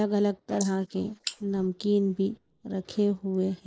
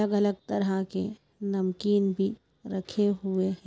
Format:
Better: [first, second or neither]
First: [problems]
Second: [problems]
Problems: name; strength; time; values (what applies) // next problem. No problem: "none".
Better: second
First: noise reduction (neural mask model Resemble Enhance denoiser)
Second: none